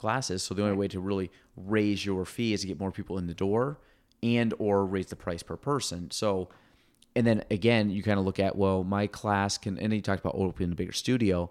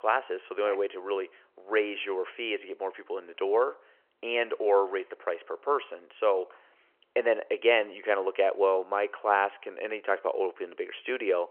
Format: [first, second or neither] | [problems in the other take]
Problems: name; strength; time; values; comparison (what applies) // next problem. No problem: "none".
first | phone-call audio